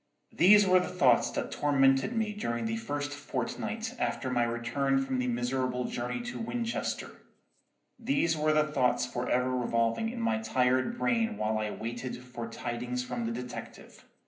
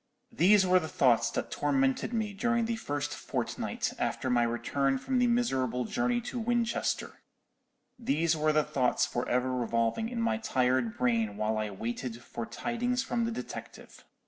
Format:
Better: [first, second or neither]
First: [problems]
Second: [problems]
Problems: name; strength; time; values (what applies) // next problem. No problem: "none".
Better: second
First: room echo; dies away in 0.5 s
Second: none